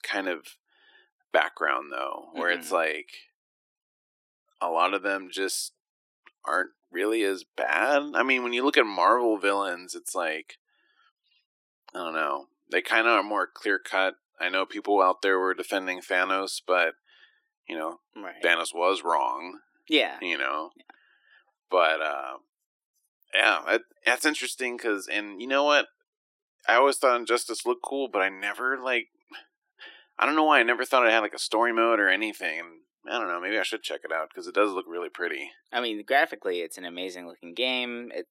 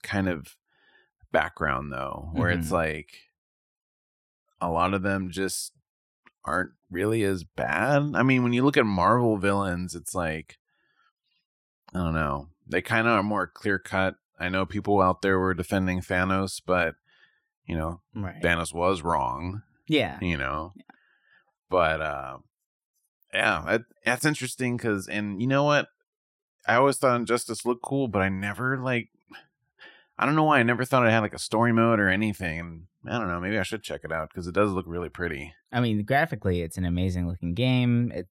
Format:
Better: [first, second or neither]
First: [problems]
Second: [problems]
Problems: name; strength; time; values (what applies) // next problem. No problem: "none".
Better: second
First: thin; somewhat; fading below 300 Hz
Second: none